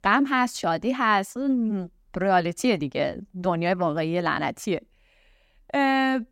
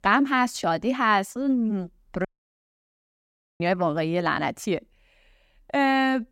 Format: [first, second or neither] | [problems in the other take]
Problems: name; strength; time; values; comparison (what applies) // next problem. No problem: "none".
first | audio cutting out; at 2.5 s for 1.5 s